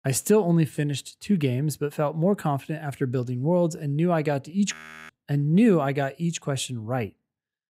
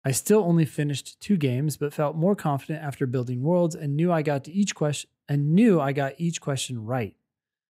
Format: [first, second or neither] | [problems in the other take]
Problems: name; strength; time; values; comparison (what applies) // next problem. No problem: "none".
second | audio freezing; at 4.5 s